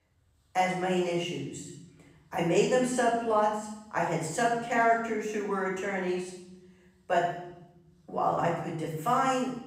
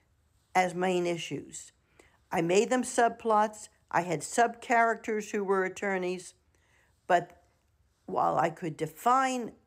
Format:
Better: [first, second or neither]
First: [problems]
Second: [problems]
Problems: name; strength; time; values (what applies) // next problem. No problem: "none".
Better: second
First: room echo; noticeable; dies away in 1 s // off-mic speech; far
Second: none